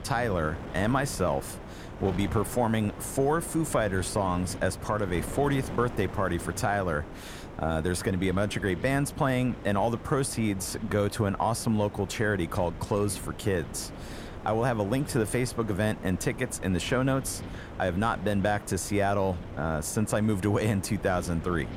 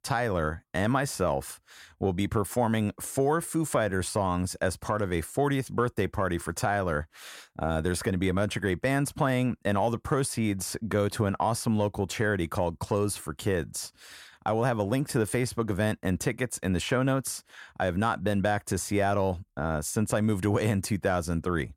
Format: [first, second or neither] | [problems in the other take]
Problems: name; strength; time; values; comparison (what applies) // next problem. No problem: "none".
second | wind noise on the microphone; occasional gusts; 15 dB below the speech